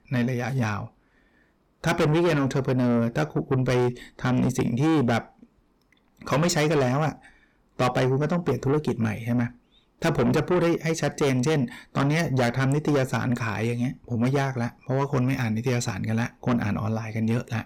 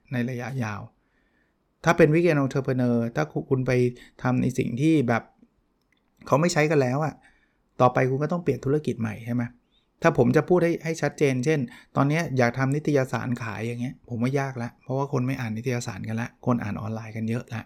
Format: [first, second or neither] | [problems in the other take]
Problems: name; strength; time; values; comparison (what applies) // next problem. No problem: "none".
second | distortion; heavy; 7 dB below the speech